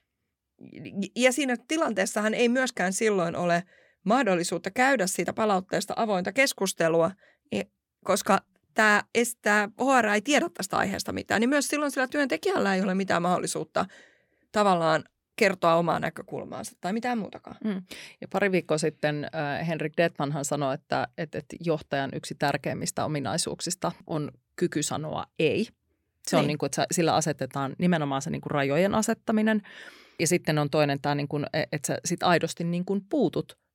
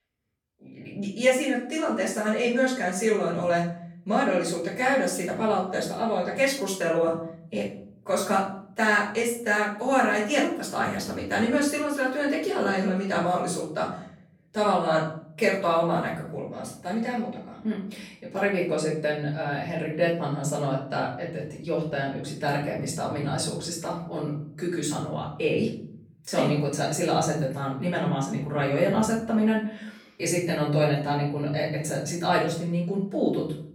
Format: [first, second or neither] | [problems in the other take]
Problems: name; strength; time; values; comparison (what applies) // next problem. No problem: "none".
first | off-mic speech; far // room echo; noticeable; dies away in 0.6 s